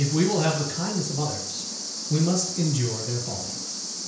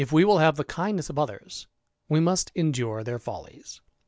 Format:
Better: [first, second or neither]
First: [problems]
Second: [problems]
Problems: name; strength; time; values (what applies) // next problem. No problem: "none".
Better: second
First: background sound (Cricket); 6 dB below the speech // room echo; dies away in 0.5 s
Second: none